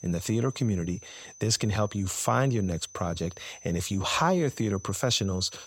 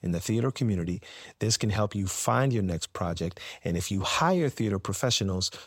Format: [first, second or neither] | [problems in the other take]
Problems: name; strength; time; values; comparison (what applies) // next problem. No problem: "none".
second | high-pitched whine; noticeable; throughout; 6 kHz, 20 dB below the speech